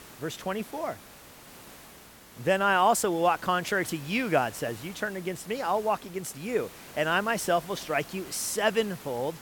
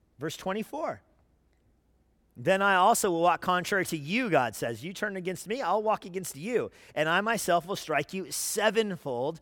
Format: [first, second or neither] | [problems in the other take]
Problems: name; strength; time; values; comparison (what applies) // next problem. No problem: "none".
second | hiss; noticeable; throughout; 20 dB below the speech